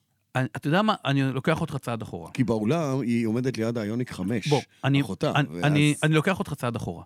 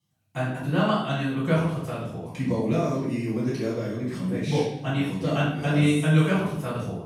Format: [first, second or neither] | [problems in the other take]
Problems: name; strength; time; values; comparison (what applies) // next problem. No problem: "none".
first | off-mic speech; far // room echo; noticeable; dies away in 0.7 s